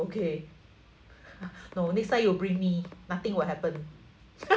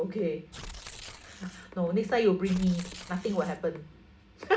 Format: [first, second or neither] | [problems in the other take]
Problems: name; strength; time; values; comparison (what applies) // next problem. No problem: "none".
first | background sound (Tearing); 16 dB below the speech // room echo; dies away in 0.3 s